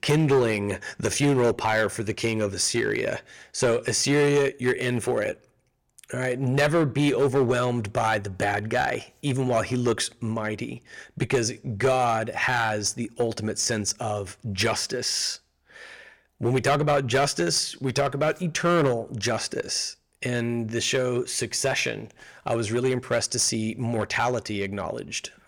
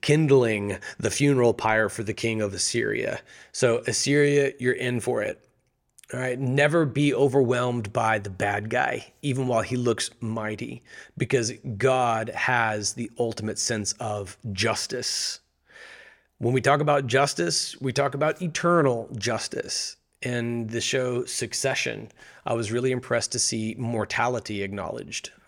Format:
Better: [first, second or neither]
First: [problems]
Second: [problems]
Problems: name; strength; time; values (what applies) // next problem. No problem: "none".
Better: second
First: distortion; slight; 4% of the sound clipped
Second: none